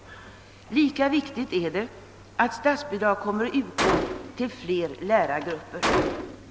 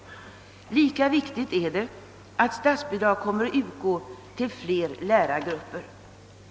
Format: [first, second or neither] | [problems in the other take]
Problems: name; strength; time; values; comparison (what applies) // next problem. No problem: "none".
second | background sound (Gunshot, gunfire); 6 dB below the speech